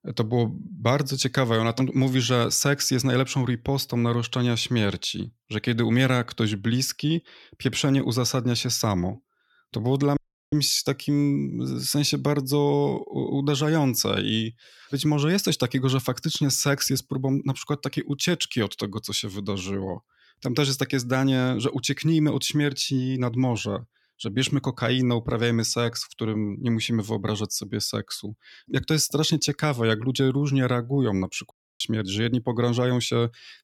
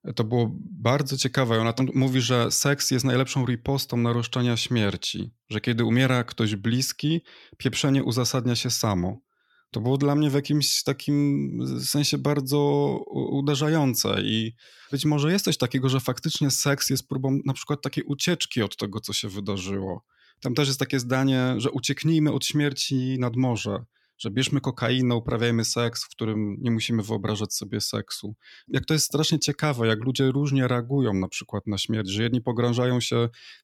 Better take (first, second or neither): second